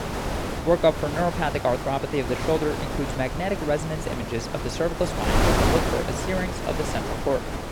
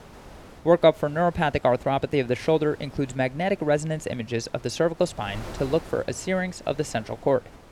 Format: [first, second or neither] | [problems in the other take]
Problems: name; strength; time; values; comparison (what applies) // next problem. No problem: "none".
second | wind noise on the microphone; heavy; 2 dB below the speech; occasional gusts in the second